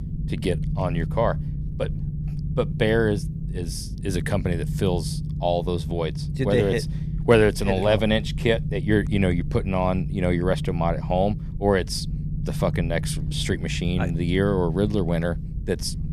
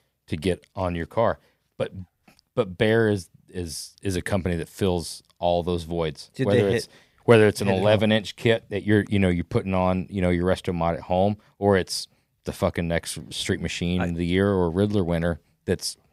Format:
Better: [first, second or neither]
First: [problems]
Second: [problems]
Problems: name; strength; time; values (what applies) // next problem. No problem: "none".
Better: second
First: low rumble; noticeable; throughout; 15 dB below the speech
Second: none